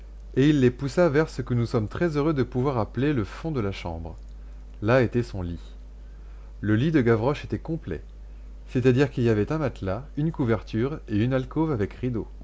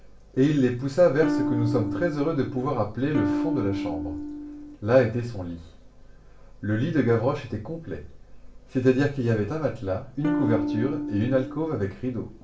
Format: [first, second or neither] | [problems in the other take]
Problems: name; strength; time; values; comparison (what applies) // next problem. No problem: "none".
first | background sound (Electric guitar / Strum); 3 dB below the speech // room echo; dies away in 0.3 s